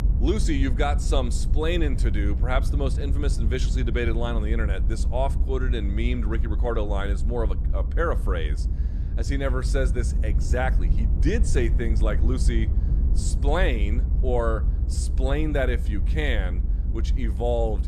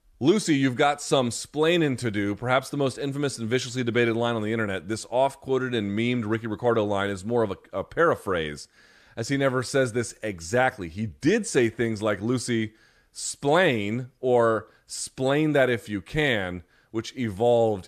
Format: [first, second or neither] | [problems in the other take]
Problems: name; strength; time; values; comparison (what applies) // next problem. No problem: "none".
second | low rumble; noticeable; throughout; 15 dB below the speech